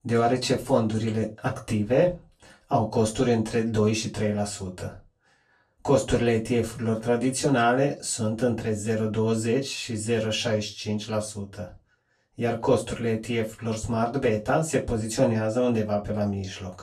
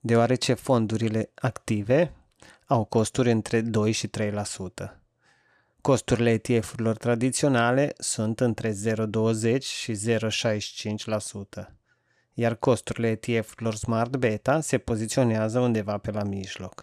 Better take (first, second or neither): second